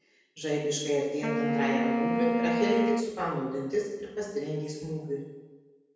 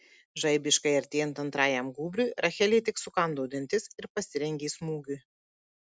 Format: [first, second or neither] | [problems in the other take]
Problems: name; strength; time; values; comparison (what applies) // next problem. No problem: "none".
second | background sound (Wind instrument, woodwind instrument); 1 dB above the speech // room echo; dies away in 1.2 s